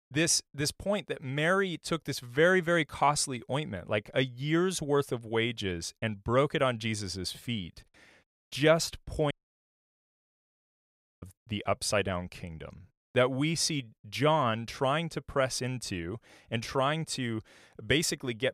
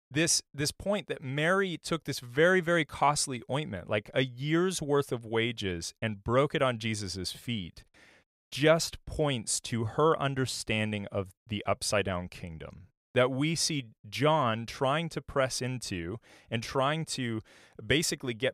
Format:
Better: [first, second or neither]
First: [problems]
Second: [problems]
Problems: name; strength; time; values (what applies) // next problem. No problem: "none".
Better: second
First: audio cutting out; at 9.5 s for 2 s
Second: none